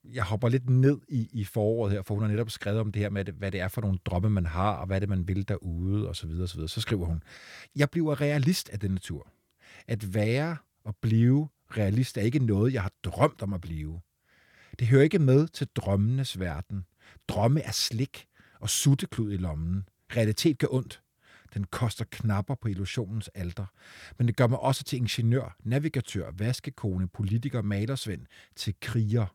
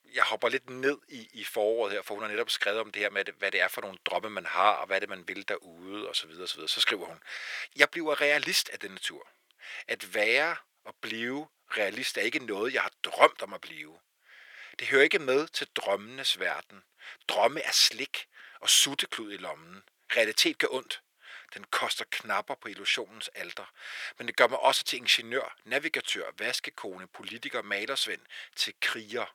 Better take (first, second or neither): first